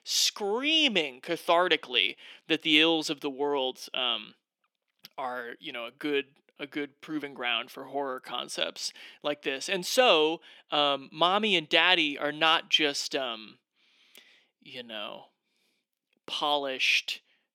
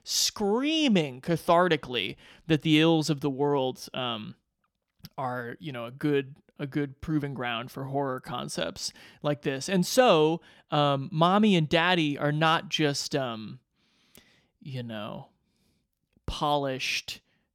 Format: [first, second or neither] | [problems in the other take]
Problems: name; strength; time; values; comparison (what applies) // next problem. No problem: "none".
second | thin; somewhat; fading below 300 Hz